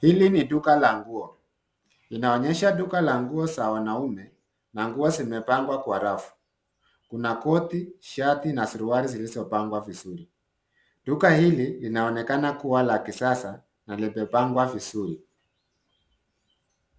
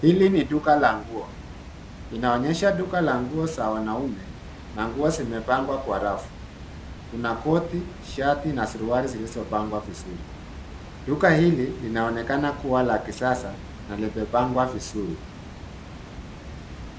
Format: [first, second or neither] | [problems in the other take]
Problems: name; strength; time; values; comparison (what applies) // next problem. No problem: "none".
first | background sound (Water); 13 dB below the speech